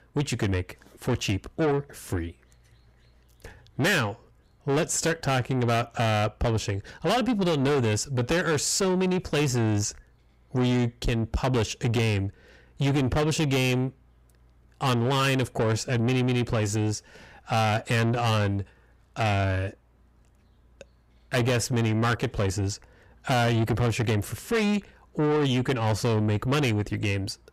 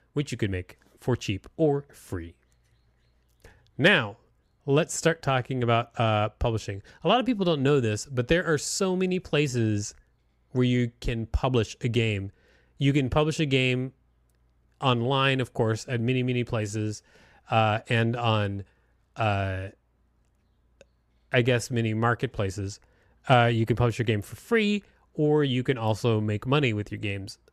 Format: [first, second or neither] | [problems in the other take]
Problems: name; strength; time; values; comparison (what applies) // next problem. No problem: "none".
second | distortion; heavy; 7 dB below the speech